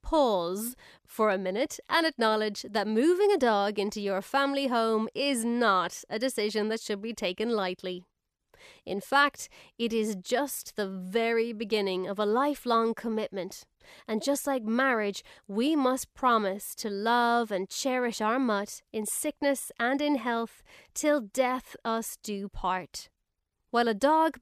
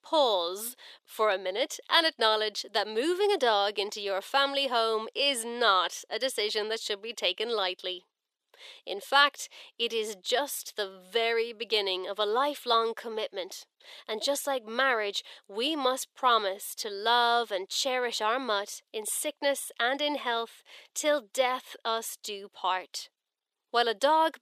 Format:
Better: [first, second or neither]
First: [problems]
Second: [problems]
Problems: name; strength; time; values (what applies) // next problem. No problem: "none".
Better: first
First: none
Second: thin; somewhat; fading below 400 Hz